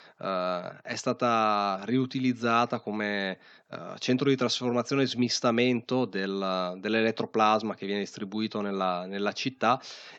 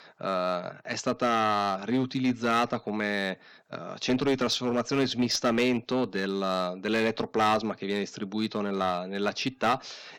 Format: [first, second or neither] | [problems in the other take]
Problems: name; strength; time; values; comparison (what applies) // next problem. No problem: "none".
first | distortion; slight; 4% of the sound clipped